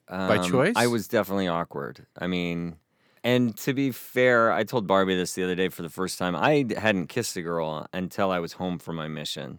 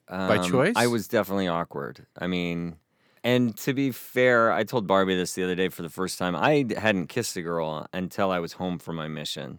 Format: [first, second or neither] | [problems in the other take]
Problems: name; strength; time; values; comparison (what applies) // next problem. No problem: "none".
neither | none